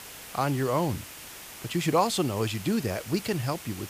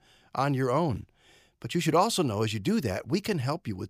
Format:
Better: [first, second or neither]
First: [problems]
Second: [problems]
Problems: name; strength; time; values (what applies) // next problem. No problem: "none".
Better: second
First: hiss; noticeable; throughout; 15 dB below the speech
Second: none